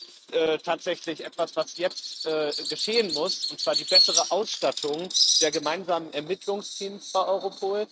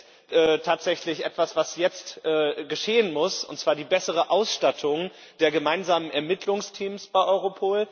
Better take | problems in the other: second | noise reduction (neural mask model RNNoise)

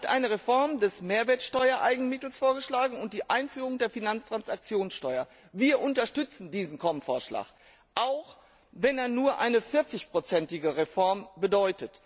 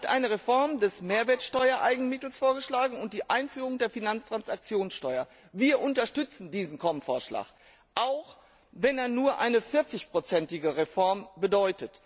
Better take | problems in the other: first | background sound (Dog); 19 dB below the speech

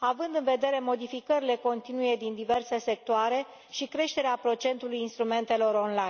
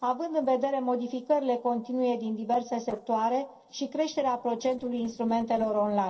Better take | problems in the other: first | noise reduction (neural separator model SepFormer DNS4)

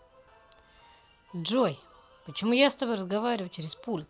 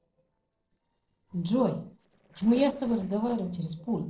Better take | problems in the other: first | noise reduction (neural separator model SepFormer DNS4)

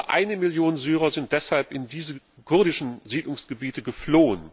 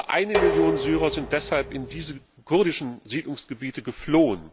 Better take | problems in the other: first | background sound (Dishes, pots, and pans); 3 dB below the speech

